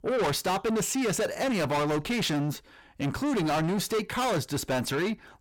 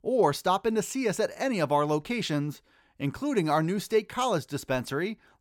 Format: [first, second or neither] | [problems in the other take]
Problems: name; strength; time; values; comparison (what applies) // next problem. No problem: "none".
second | distortion; heavy; 6 dB below the speech